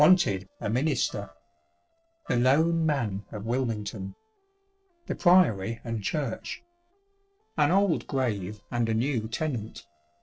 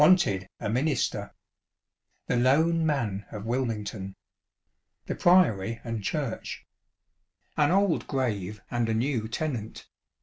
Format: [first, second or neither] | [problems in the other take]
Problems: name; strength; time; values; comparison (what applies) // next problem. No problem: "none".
second | noise reduction (neural separator model SepFormer DNS4)